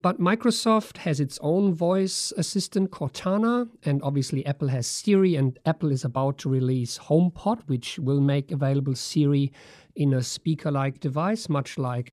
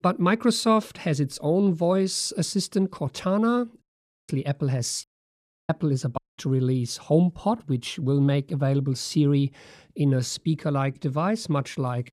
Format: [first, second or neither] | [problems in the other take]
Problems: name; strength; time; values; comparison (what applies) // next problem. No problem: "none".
first | audio cutting out; at 4 s, at 5 s for 0.5 s and at 6 s